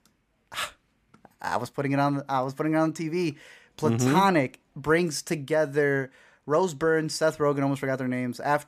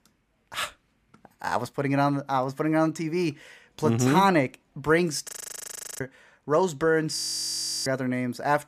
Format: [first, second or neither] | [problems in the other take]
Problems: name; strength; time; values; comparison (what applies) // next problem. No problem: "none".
first | audio freezing; at 5.5 s for 0.5 s and at 7 s for 0.5 s